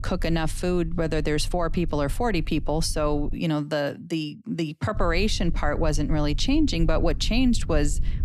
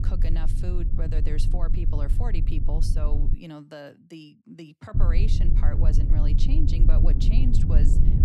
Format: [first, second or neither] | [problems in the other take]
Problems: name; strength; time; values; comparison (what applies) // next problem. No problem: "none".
first | low rumble; loud; until 3.5 s and from 5 s on; 1 dB below the speech; faint in the first